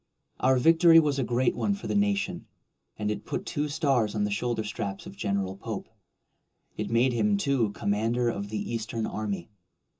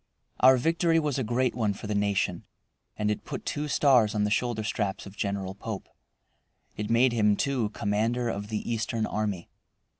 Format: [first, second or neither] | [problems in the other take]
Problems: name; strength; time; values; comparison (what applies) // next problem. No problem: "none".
second | room echo; dies away in 0.2 s